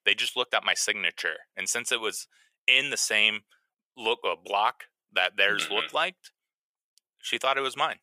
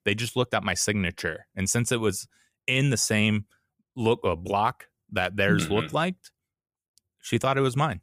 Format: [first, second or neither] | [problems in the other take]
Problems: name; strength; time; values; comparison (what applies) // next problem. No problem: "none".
second | thin; very; fading below 600 Hz